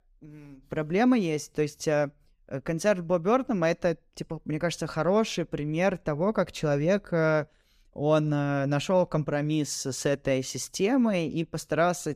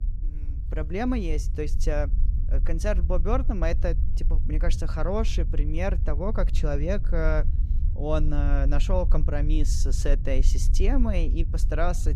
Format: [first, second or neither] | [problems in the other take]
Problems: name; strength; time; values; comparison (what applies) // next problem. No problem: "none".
first | low rumble; noticeable; throughout; 15 dB below the speech